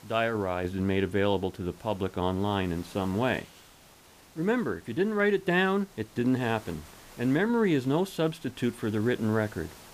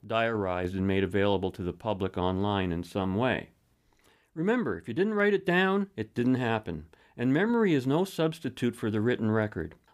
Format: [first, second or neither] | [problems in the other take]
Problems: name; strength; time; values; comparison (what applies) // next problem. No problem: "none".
second | hiss; faint; throughout; 25 dB below the speech